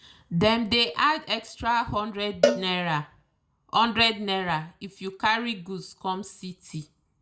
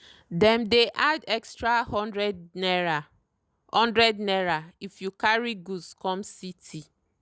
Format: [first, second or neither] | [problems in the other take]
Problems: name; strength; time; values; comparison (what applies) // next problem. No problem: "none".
second | background sound (Cowbell); 4 dB below the speech // room echo; dies away in 0.3 s